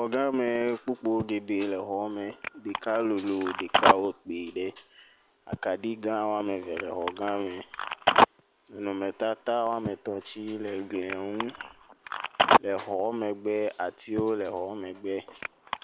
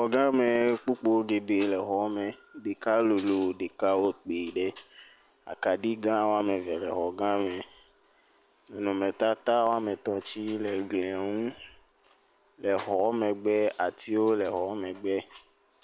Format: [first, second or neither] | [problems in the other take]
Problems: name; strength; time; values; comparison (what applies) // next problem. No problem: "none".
second | background sound (Telephone); 1 dB below the speech